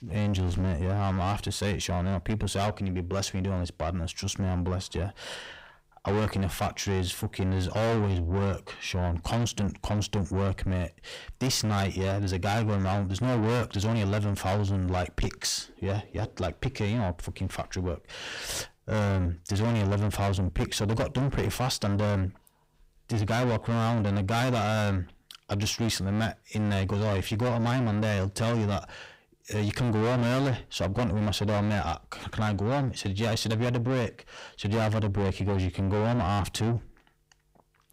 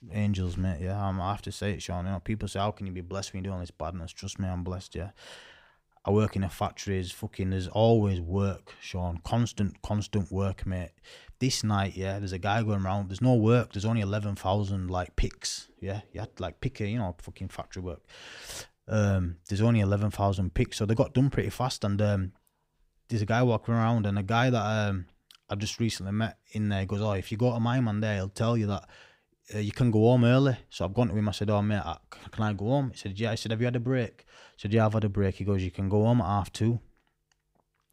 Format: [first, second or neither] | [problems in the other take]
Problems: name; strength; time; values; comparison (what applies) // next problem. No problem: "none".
second | distortion; heavy; 6 dB below the speech